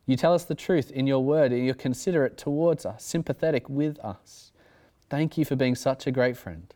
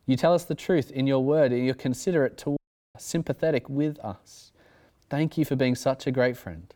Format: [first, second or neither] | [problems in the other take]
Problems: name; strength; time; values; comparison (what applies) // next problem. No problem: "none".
first | audio cutting out; at 2.5 s